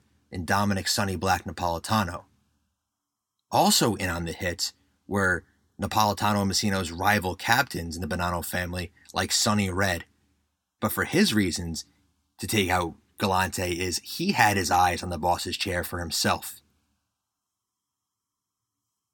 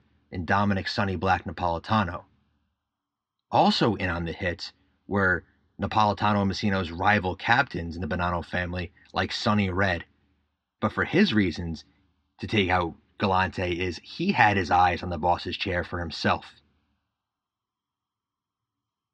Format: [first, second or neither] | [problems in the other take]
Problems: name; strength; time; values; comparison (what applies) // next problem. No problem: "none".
first | muffled; slightly; fading above 4 kHz